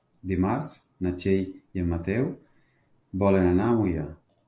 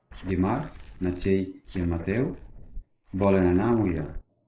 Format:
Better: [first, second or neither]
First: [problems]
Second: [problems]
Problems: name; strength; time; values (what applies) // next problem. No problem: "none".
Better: first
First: none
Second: noise reduction (neural mask model Resemble Enhance denoiser)